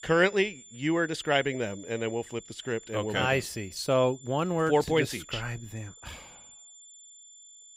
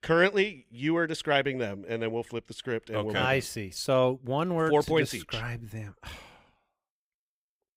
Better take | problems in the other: second | high-pitched whine; noticeable; throughout; 7 kHz, 20 dB below the speech

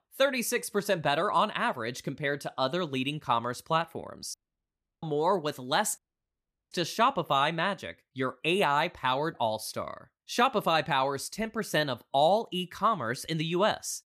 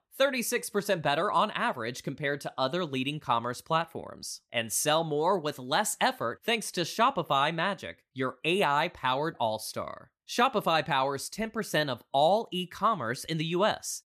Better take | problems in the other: second | audio cutting out; at 4.5 s for 0.5 s and at 6 s for 0.5 s

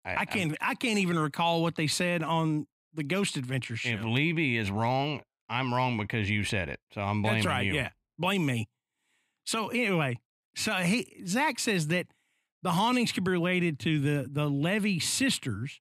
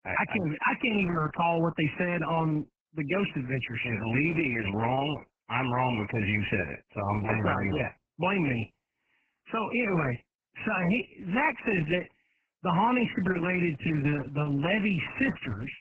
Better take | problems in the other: first | garbled, watery; badly; nothing above 3 kHz

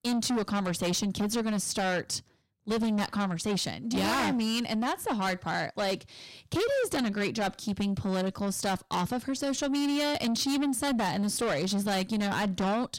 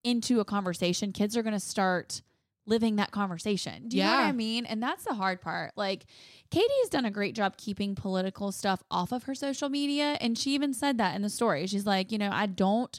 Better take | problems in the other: second | distortion; heavy; 6 dB below the speech

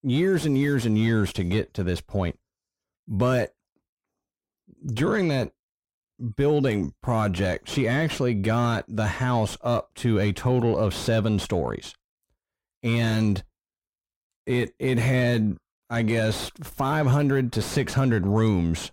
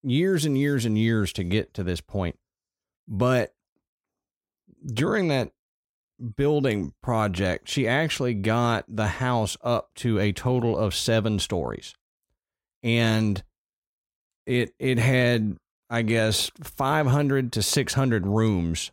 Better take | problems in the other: second | distortion; slight; 10 dB below the speech

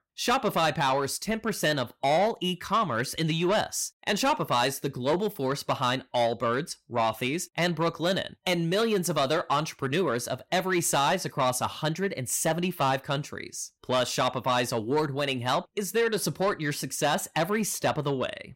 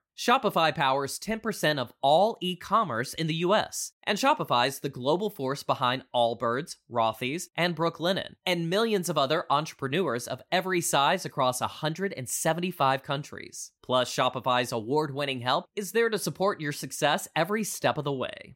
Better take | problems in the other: second | distortion; slight; 10 dB below the speech

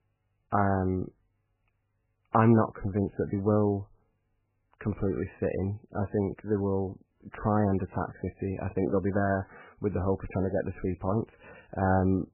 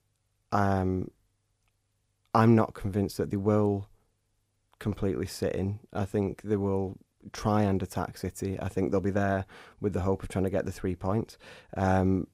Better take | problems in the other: second | garbled, watery; badly; nothing above 2.5 kHz

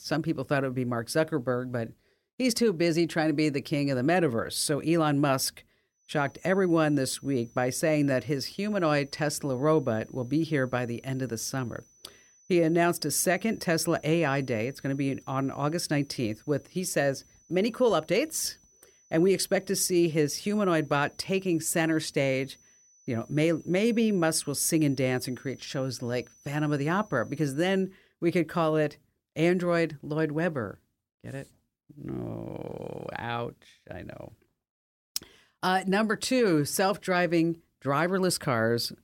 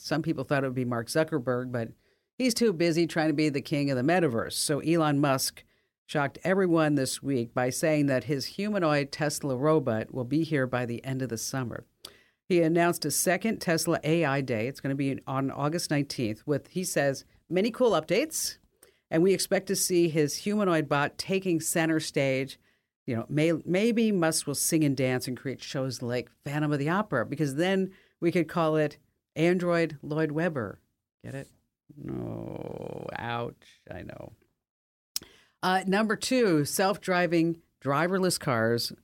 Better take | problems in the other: second | high-pitched whine; faint; from 6 to 28 s; 6 kHz, 30 dB below the speech

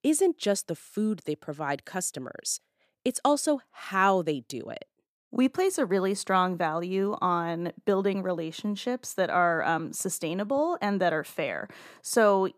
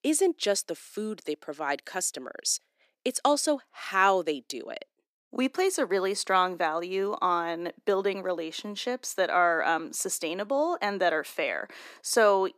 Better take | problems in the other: first | thin; very slightly; fading below 300 Hz

